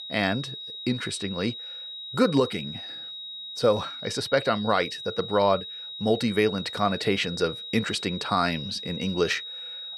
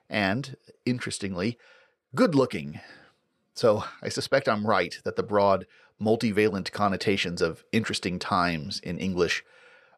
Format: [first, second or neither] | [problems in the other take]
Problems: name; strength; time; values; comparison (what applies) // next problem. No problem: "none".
second | high-pitched whine; loud; throughout; 4 kHz, 9 dB below the speech